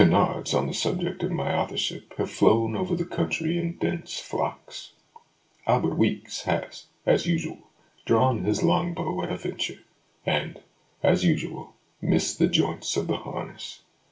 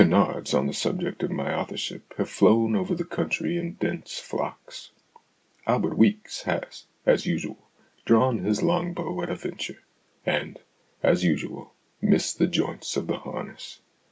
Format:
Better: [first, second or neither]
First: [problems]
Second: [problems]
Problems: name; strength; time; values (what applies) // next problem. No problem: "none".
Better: second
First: room echo; dies away in 0.3 s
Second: none